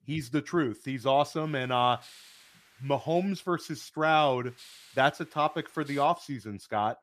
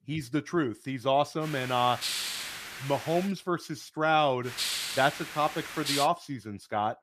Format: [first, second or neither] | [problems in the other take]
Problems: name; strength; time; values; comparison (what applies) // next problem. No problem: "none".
first | hiss; loud; from 1.5 to 3.5 s and from 4.5 to 6 s; 5 dB below the speech; faint in the first